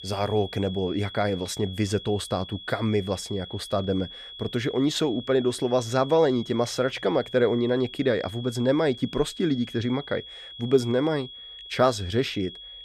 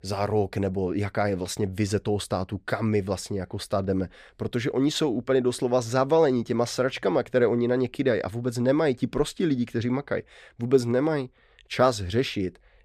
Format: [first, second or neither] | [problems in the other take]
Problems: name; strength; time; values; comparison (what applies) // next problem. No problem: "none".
second | high-pitched whine; noticeable; throughout; 3.5 kHz, 15 dB below the speech